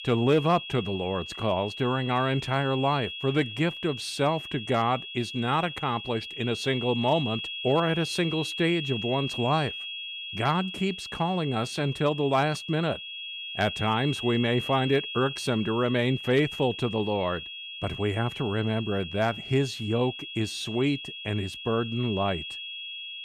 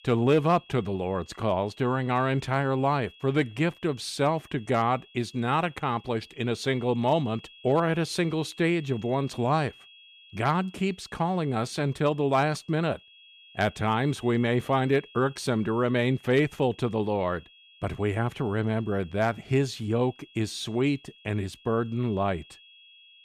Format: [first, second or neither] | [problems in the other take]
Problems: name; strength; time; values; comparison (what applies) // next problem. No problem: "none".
second | high-pitched whine; loud; throughout; 3.5 kHz, 8 dB below the speech; faint in the second